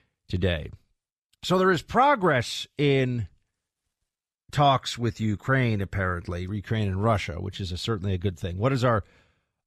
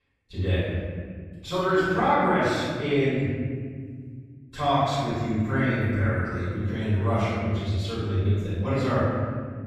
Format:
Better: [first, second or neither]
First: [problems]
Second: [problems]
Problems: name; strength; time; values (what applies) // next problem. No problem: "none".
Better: first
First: none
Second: off-mic speech; far // room echo; strong; dies away in 2.1 s